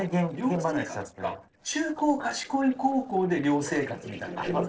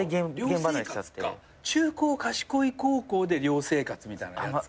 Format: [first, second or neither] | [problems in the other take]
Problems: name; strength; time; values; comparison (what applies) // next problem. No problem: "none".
second | noise reduction (neural separator model SepFormer DNS4)